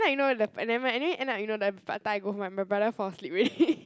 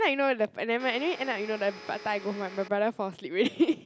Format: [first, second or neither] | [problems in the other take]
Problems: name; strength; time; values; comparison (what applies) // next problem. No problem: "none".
first | background sound (Domestic sounds, home sounds); 16 dB below the speech